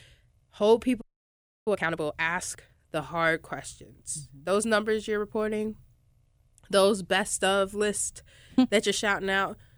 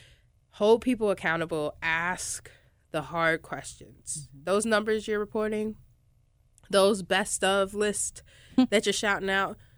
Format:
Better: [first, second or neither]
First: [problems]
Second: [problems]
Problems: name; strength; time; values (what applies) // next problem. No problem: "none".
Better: second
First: audio freezing; at 1 s for 0.5 s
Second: none